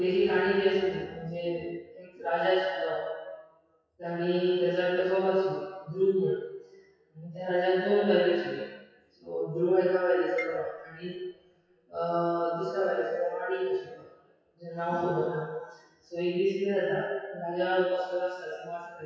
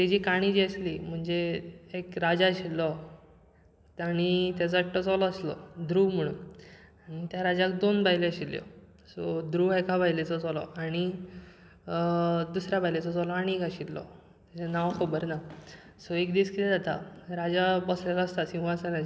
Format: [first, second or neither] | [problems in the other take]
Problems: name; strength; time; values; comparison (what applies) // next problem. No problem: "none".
second | noise reduction (classical method WPE with log-MMSE)